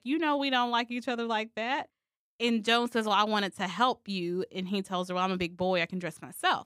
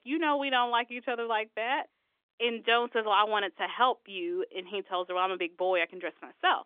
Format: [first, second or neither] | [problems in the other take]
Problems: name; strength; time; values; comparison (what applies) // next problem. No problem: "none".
first | phone-call audio; nothing above 3.5 kHz